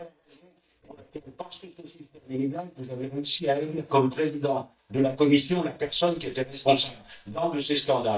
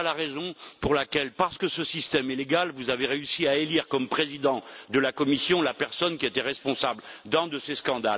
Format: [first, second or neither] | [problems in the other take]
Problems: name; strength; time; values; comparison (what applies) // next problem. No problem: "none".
second | noise reduction (neural mask model DeepFilterNet 3)